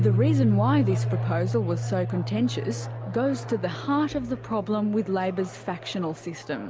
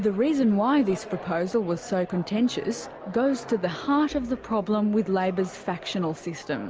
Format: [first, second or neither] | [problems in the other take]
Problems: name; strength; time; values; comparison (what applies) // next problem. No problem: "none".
second | background sound (Piano); 2 dB below the speech